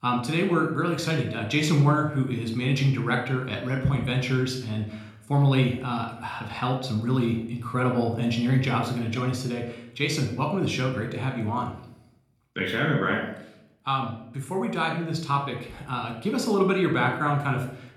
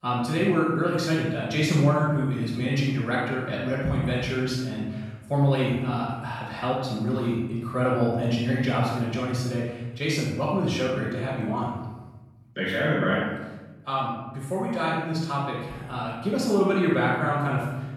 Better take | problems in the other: first | room echo; strong; dies away in 1.1 s; slight in the first // off-mic speech; far

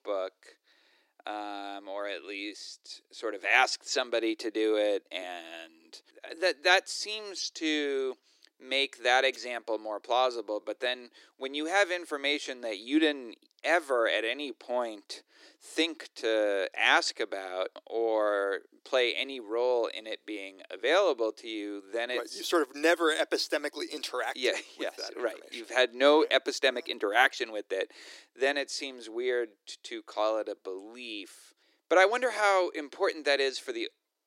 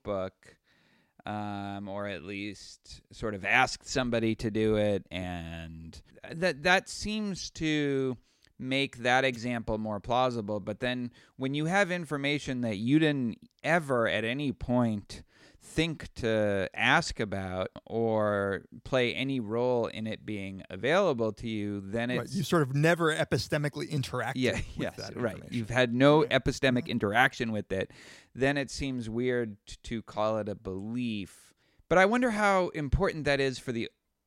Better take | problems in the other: second | thin; very; fading below 300 Hz

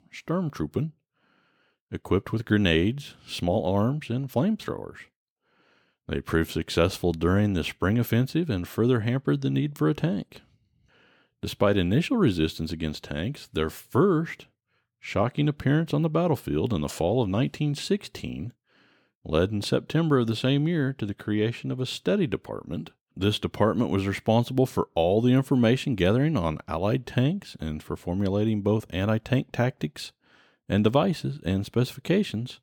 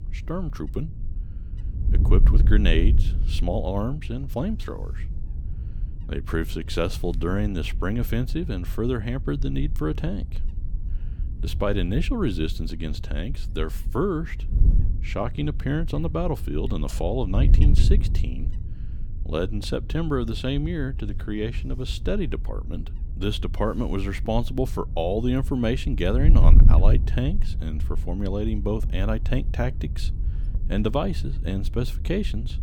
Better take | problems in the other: first | wind noise on the microphone; occasional gusts; 15 dB below the speech

